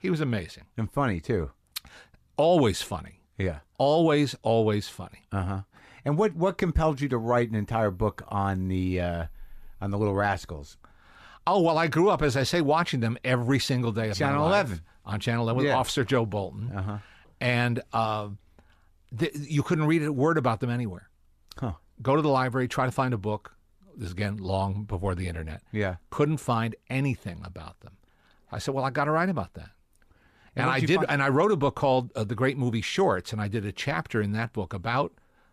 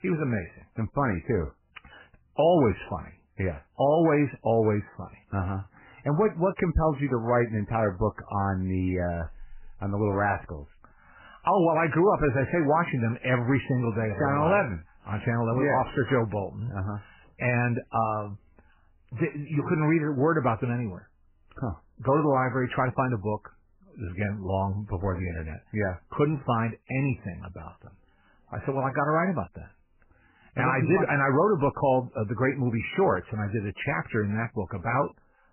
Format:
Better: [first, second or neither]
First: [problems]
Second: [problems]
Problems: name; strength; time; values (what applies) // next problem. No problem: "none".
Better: first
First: none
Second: garbled, watery; badly; nothing above 3 kHz